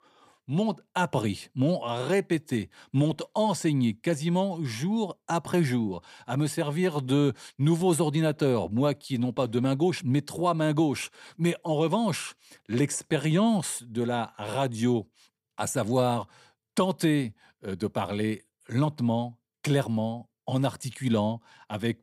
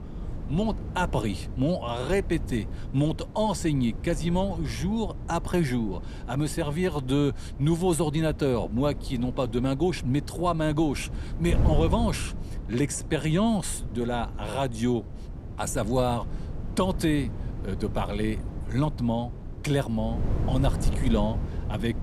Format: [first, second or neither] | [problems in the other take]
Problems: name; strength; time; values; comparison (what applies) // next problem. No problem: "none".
first | wind noise on the microphone; occasional gusts; 15 dB below the speech